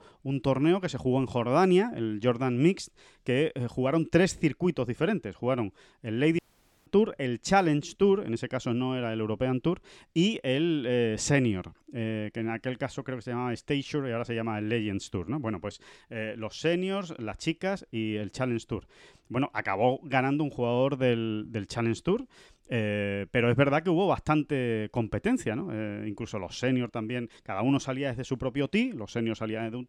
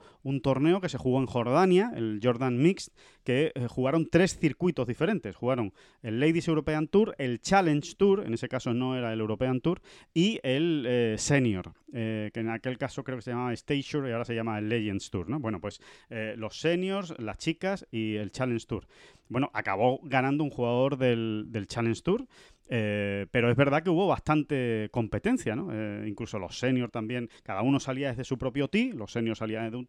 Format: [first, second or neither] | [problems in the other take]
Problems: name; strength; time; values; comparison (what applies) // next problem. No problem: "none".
second | audio cutting out; at 6.5 s